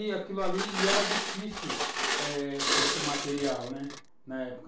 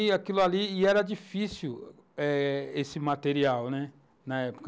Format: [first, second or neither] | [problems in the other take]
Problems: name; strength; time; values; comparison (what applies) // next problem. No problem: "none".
second | background sound (Glass); 2 dB above the speech // room echo; dies away in 0.3 s